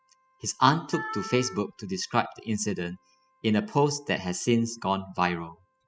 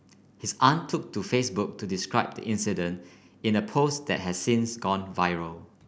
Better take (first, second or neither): second